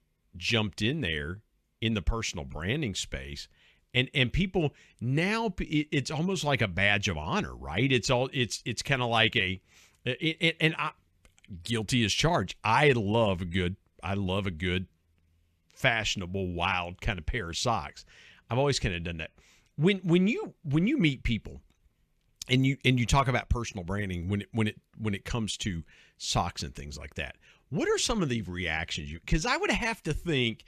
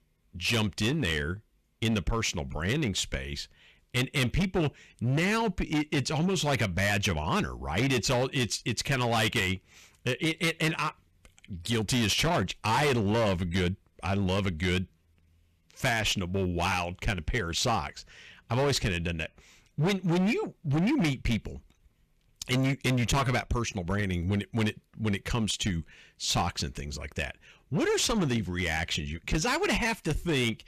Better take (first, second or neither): first